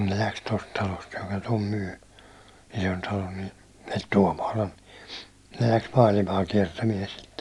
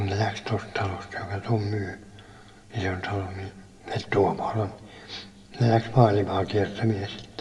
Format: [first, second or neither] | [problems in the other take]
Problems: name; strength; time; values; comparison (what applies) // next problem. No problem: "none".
first | room echo; dies away in 1 s